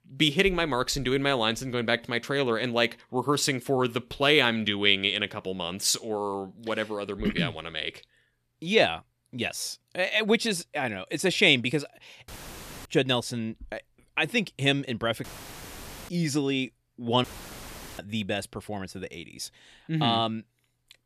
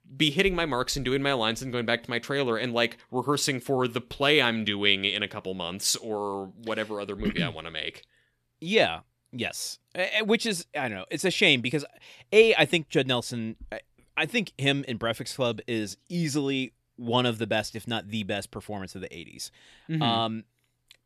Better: second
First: audio cutting out; filled with static; at 12 s for 0.5 s, at 15 s for 1 s and at 17 s for 1 s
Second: none

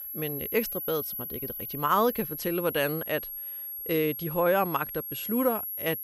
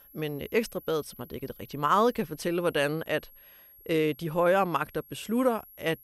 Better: second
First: high-pitched whine; loud; throughout; 11.5 kHz, 5 dB below the speech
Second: high-pitched whine; faint; throughout; 11.5 kHz, 25 dB below the speech

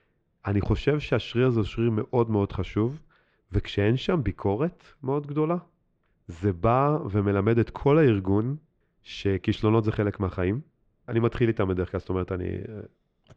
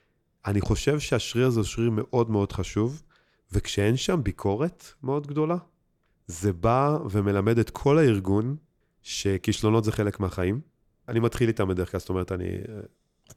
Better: second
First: muffled; slightly; fading above 3 kHz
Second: none

